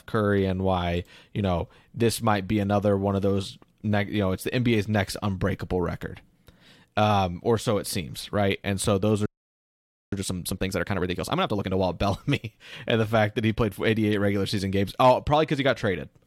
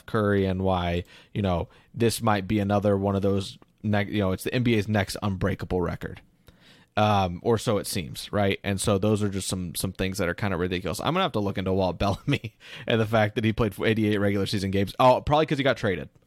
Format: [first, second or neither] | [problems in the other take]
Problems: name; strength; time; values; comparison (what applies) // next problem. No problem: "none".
second | audio freezing; at 9.5 s for 1 s